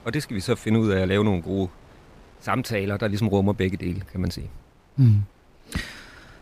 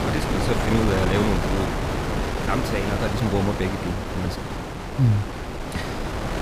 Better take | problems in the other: first | wind noise on the microphone; heavy; 2 dB above the speech; occasional gusts in the first

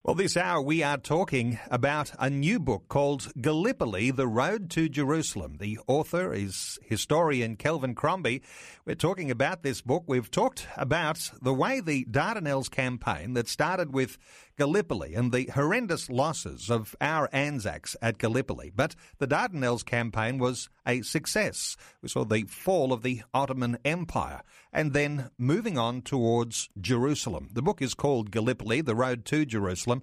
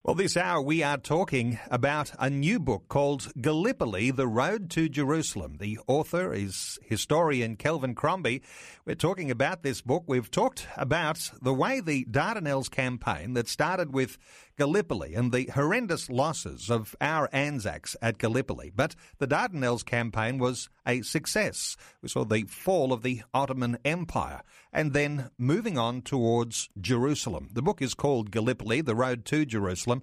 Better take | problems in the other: neither | none

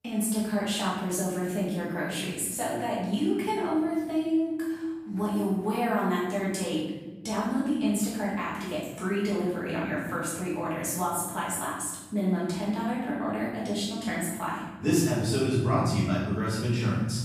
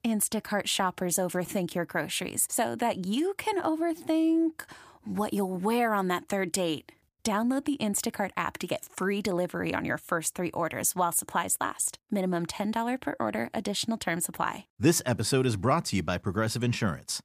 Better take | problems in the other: second | off-mic speech; far // room echo; strong; dies away in 1.6 s

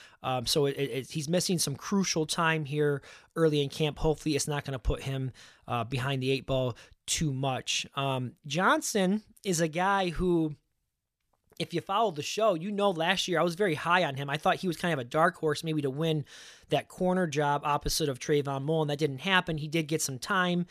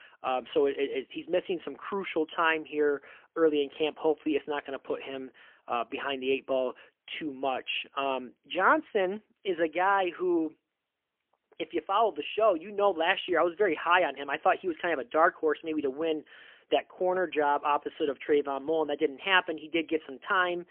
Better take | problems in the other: first | phone-call audio; poor line; nothing above 3 kHz

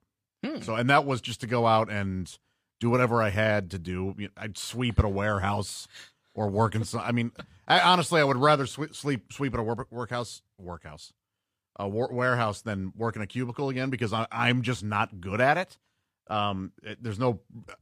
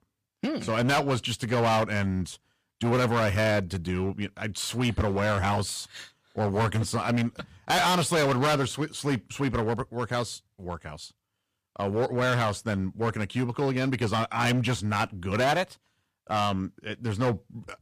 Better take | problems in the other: first | distortion; heavy; 11% of the sound clipped

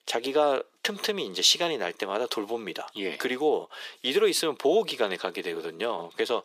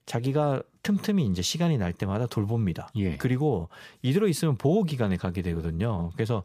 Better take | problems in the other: second | thin; very; fading below 350 Hz

